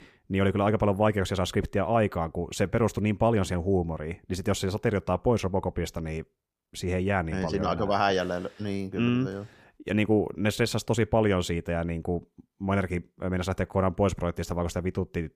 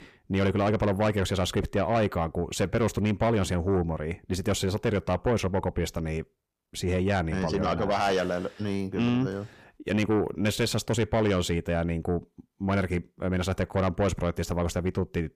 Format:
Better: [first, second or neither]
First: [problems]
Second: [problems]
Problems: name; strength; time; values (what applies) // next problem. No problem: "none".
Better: first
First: none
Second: distortion; slight; 10 dB below the speech